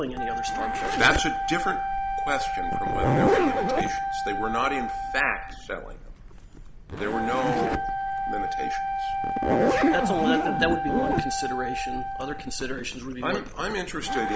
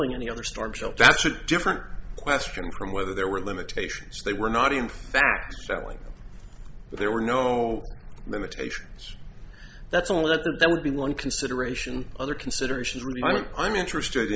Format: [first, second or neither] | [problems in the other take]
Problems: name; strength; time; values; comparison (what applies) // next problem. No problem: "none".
second | background sound (Wind instrument, woodwind instrument + Zipper (clothing)); 3 dB above the speech